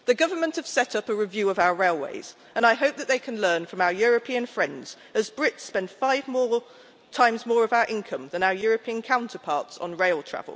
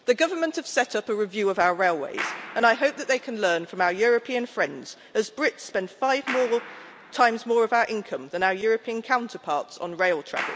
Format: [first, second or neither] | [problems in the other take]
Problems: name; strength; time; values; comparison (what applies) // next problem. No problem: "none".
first | background sound (Clapping); 16 dB below the speech